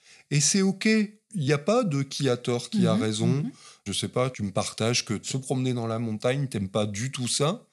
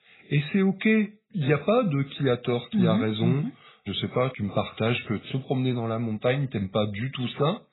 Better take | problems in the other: first | garbled, watery; badly; nothing above 4 kHz

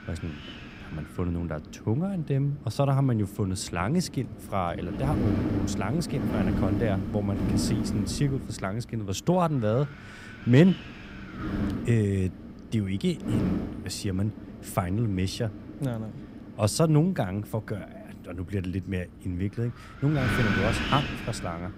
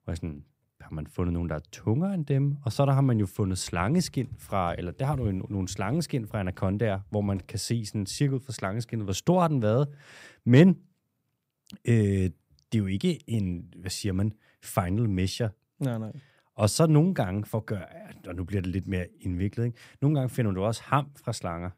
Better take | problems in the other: second | wind noise on the microphone; heavy; 3 dB below the speech

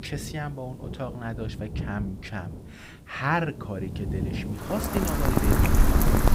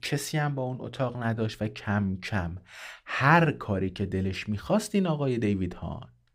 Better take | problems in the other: second | rain or running water; very loud; throughout; 5 dB above the speech

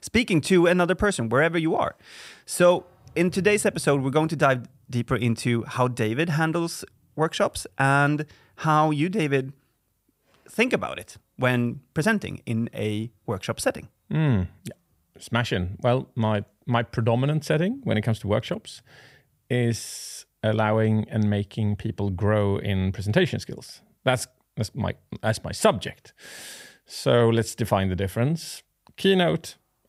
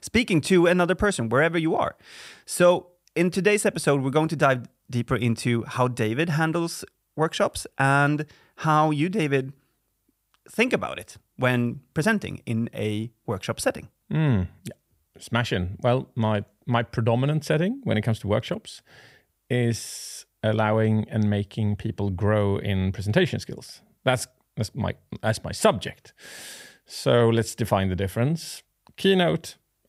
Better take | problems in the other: second | household noises; faint; throughout; 30 dB below the speech

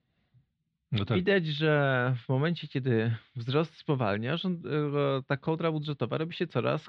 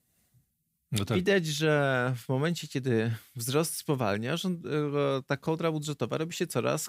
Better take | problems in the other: second | muffled; slightly; fading above 4 kHz

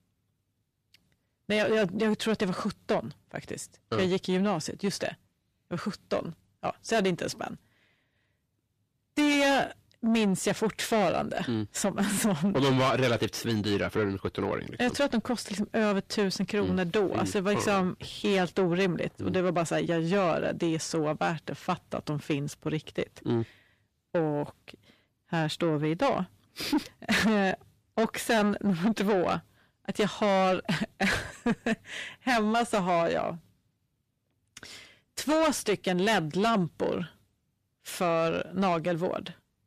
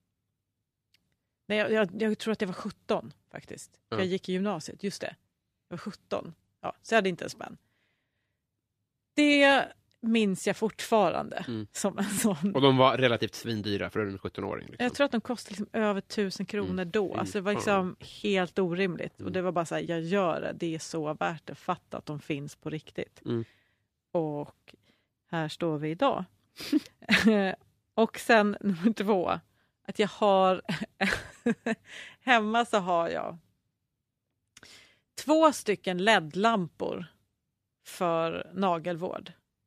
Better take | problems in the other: second | distortion; heavy; 6 dB below the speech

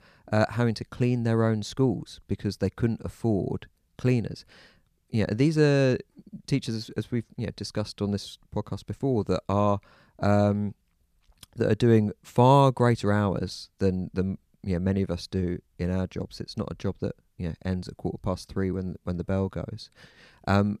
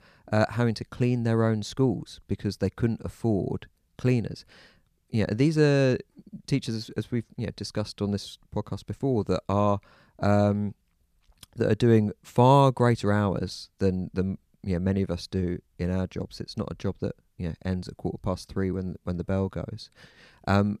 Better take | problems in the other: neither | none

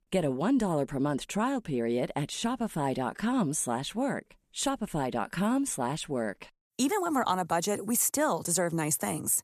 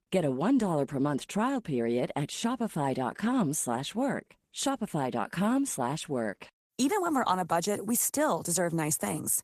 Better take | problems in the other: first | garbled, watery; slightly; nothing above 14 kHz

